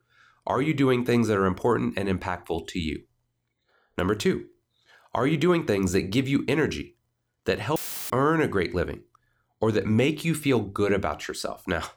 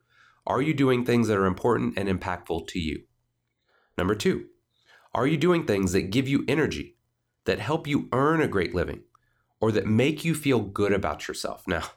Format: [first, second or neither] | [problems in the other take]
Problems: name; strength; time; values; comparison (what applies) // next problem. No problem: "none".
second | audio cutting out; filled with static; at 8 s